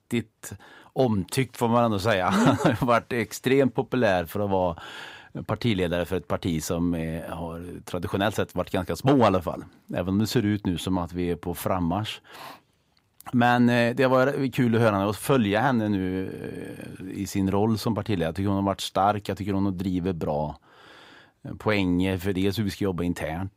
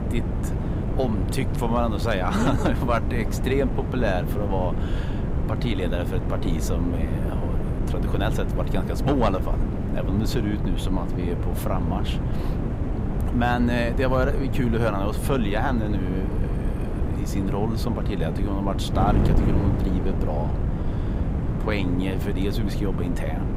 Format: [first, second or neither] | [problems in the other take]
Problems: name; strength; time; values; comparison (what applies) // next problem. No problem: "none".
first | wind noise on the microphone; heavy; 6 dB below the speech